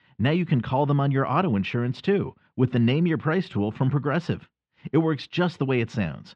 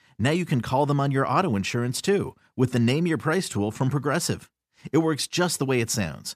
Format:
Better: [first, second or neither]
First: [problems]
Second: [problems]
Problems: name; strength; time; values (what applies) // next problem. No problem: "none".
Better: second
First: muffled; slightly; fading above 3.5 kHz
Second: none